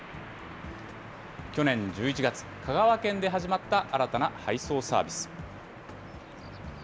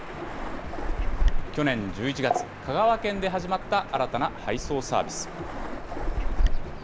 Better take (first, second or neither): first